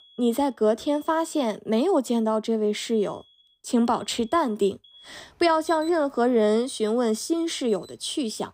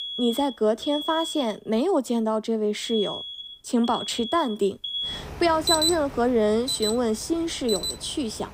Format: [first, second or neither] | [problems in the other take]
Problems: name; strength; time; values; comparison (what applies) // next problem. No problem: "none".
first | alarms or sirens; loud; throughout; 5 dB below the speech; faint in the first